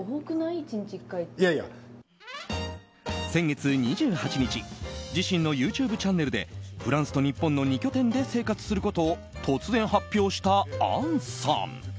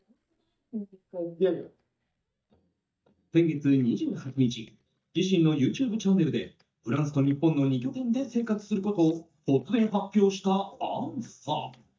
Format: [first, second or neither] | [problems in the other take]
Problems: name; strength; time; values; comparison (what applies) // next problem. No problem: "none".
first | noise reduction (neural mask model DeepFilterNet 3)